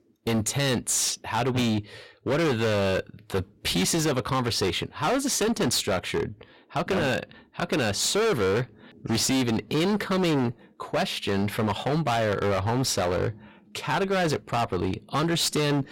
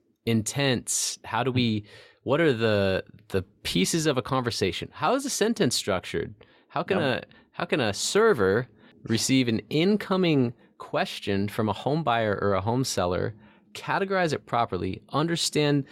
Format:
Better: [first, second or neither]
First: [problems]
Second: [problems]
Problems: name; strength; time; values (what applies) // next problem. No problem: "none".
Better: second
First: distortion; heavy; 22% of the sound clipped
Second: none